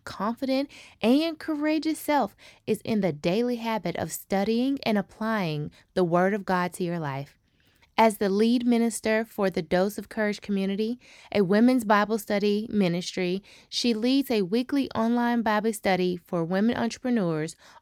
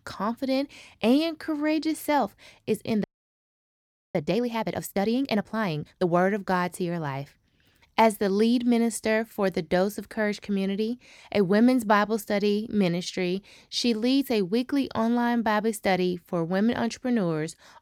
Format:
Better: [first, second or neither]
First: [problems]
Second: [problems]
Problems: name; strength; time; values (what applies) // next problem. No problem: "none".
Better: first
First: none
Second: audio freezing; at 3 s for 1 s